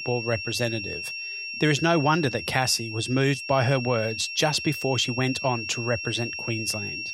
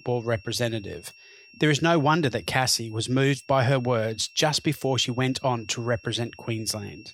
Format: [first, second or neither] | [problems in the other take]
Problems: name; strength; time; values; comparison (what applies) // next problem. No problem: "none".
second | high-pitched whine; loud; throughout; 2.5 kHz, 6 dB below the speech; faint in the second